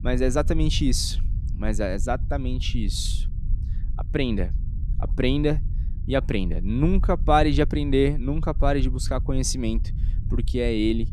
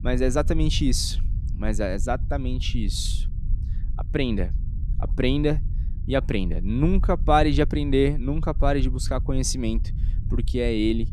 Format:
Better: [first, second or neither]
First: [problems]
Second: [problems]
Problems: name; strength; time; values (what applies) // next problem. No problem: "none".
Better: neither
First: low rumble; faint; throughout; 20 dB below the speech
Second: low rumble; faint; throughout; 20 dB below the speech